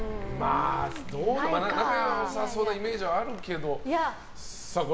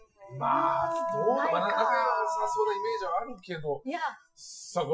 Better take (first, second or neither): first